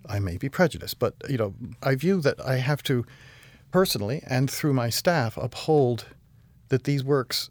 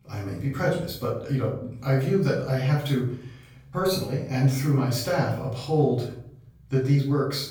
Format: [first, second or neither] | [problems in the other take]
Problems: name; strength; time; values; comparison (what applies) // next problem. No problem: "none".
first | off-mic speech; far // room echo; noticeable; dies away in 0.5 s